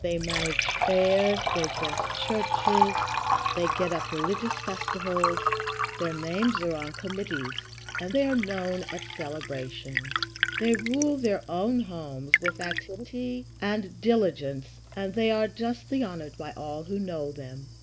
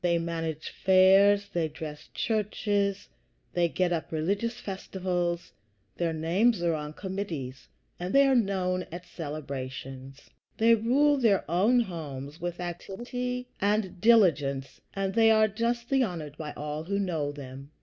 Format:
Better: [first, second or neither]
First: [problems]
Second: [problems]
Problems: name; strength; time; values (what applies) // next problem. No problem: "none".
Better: second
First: background sound (Liquid); 2 dB below the speech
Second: none